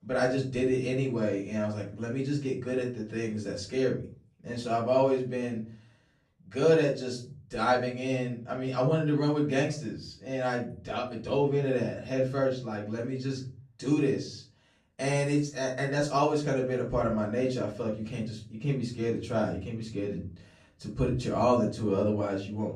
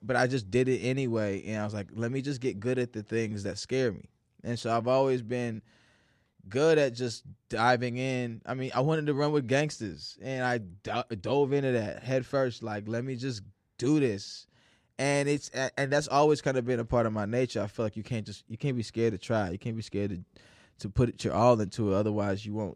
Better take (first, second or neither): second